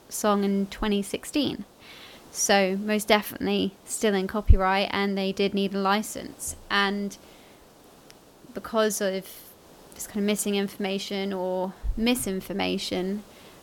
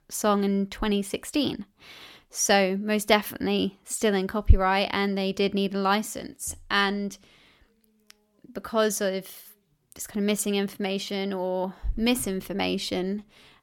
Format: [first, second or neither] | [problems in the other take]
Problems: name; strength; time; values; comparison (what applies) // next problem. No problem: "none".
second | hiss; faint; throughout; 25 dB below the speech